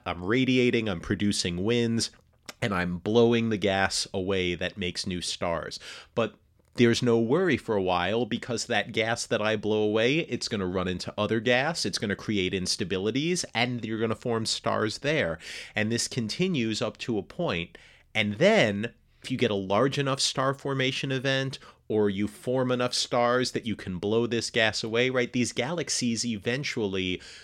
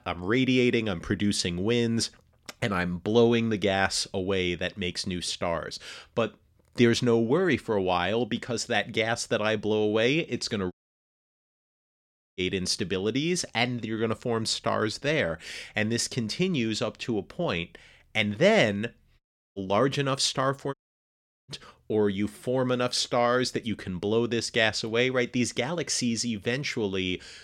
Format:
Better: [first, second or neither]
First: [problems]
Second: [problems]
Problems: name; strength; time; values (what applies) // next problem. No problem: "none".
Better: first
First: none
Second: audio cutting out; at 11 s for 1.5 s, at 19 s and at 21 s for 0.5 s